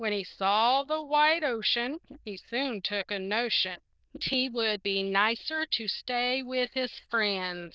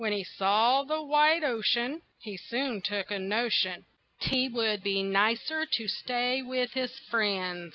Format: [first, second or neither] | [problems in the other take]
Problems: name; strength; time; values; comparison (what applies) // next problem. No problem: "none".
second | noise reduction (neural diffusion model UNIVERSE++)